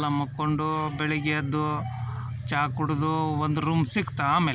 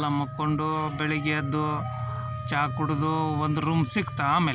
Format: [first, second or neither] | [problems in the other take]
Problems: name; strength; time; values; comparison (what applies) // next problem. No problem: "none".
first | background sound (Wind instrument, woodwind instrument); 15 dB below the speech